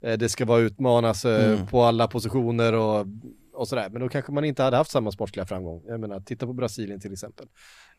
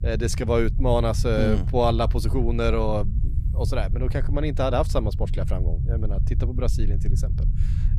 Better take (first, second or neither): first